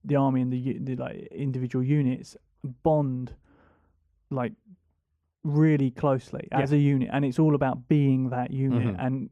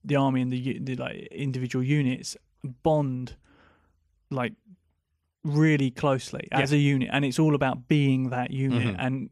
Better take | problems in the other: second | muffled; slightly; fading above 2 kHz

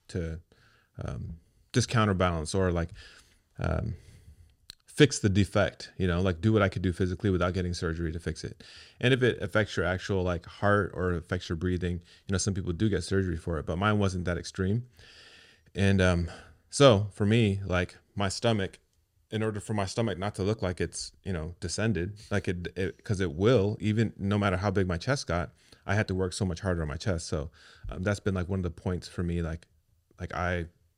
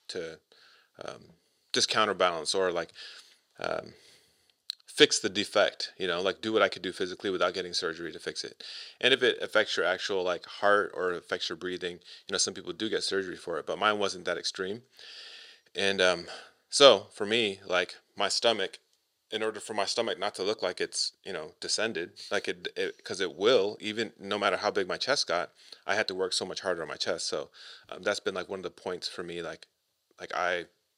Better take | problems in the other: first | thin; very; fading below 500 Hz

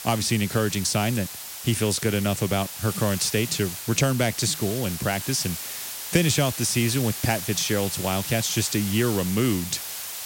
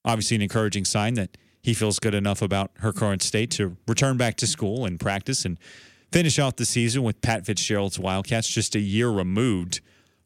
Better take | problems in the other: second | hiss; loud; throughout; 7 dB below the speech

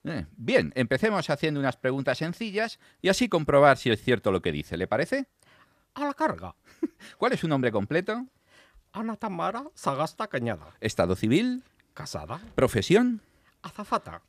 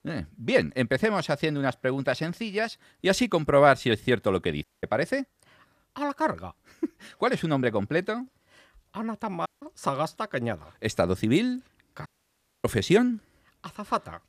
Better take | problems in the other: first | audio cutting out; at 4.5 s, at 9.5 s and at 12 s for 0.5 s

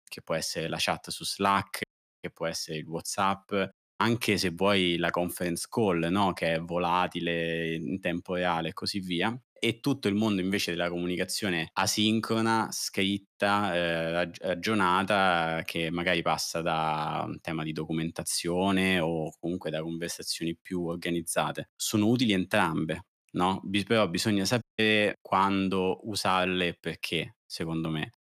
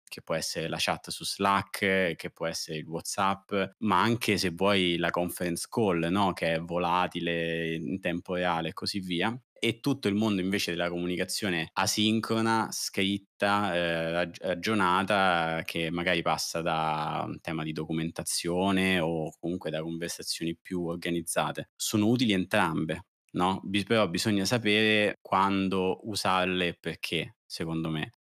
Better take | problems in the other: second | audio cutting out; at 2 s, at 3.5 s and at 25 s

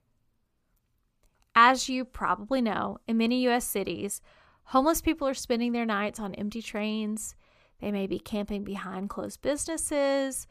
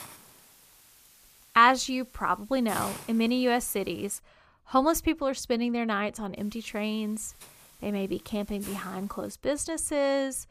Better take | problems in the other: first | hiss; noticeable; until 4 s and from 6.5 to 9.5 s; 20 dB below the speech

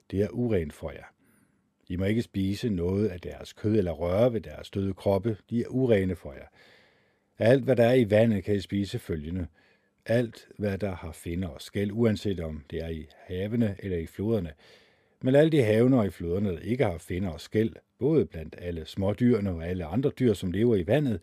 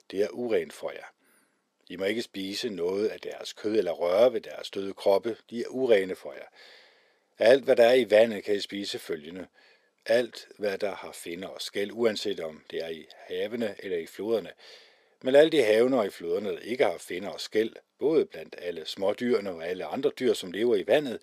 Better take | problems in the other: first | thin; somewhat; fading below 450 Hz

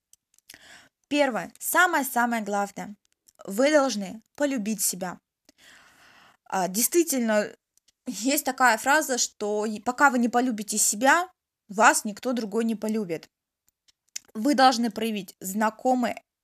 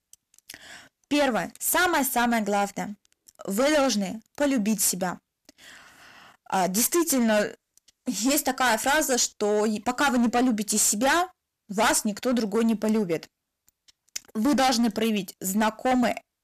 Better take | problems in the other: first | distortion; heavy; 12% of the sound clipped

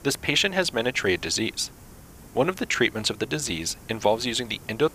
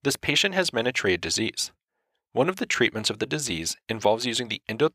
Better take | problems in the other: second | hiss; faint; throughout; 20 dB below the speech

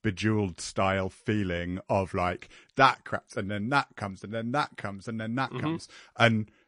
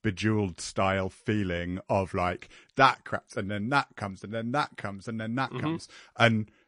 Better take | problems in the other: neither | garbled, watery; slightly; nothing above 10.5 kHz; the same in both

